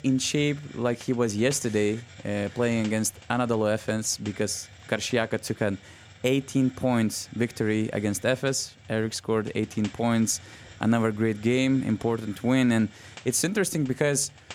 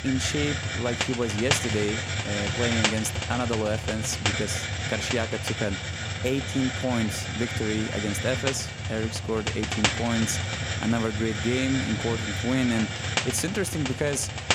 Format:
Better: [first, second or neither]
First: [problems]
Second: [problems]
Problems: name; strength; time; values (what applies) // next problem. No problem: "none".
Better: first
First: hiss; faint; throughout; 20 dB below the speech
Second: hiss; loud; throughout; as loud as the speech